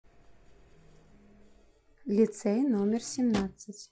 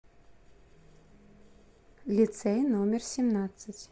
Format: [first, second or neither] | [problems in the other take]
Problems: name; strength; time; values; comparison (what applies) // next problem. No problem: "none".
second | noise reduction (classical method log-MMSE)